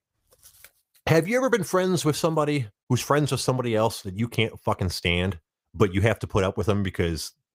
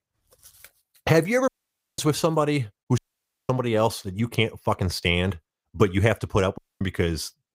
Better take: first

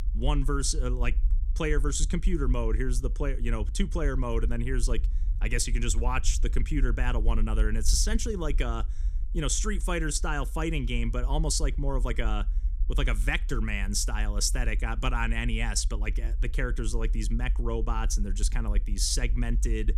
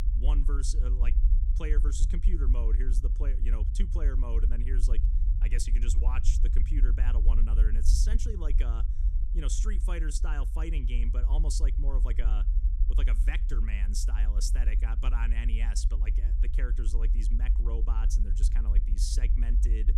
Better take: first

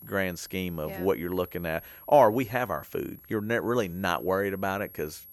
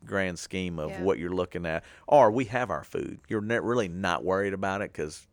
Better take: second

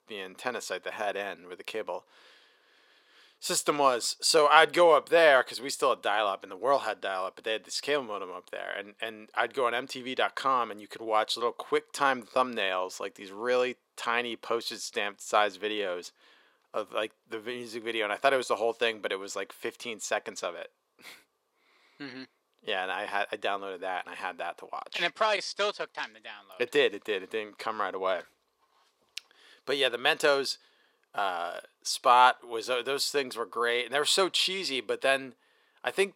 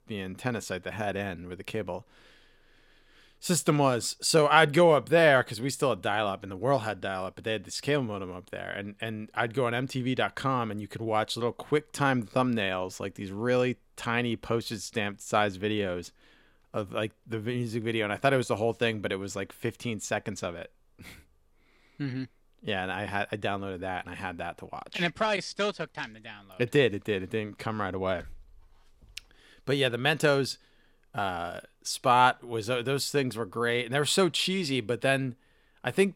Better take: second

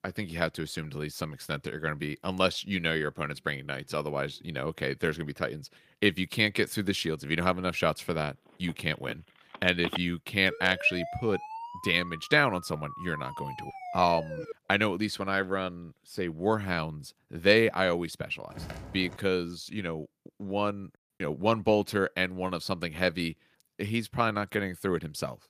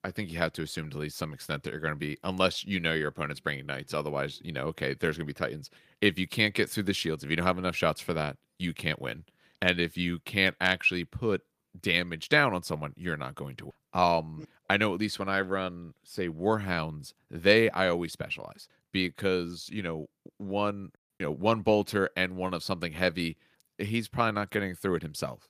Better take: second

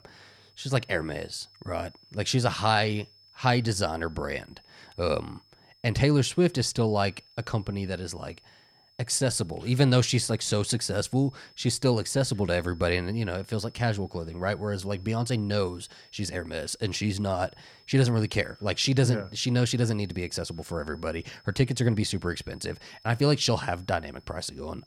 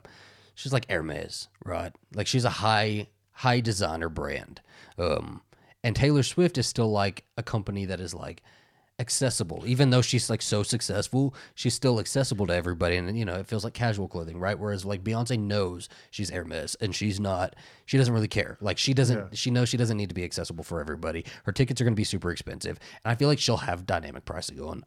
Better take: second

